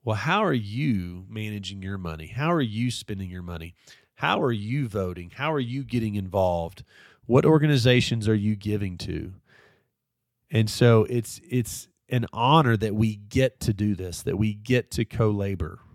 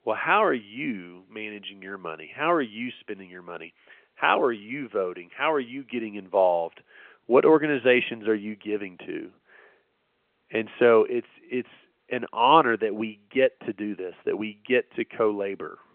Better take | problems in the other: first | phone-call audio

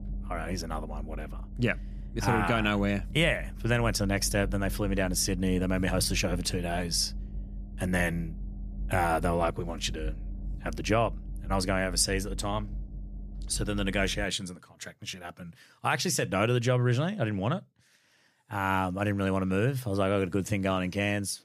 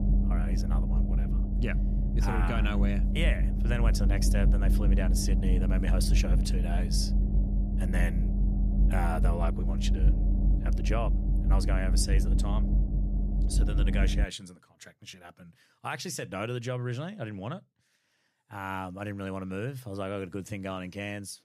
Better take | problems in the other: first | low rumble; loud; until 14 s; 5 dB below the speech; faint in the first

